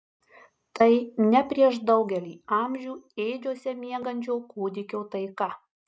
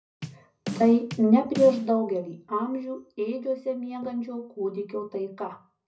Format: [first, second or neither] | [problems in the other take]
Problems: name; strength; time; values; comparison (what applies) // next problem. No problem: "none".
first | background sound (Bass drum / Snare drum); 10 dB below the speech // room echo; dies away in 0.4 s